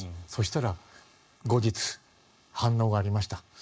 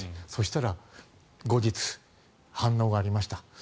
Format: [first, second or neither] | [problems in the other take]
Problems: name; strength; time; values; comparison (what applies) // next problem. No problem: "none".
second | noise reduction (neural mask model Resemble Enhance denoiser)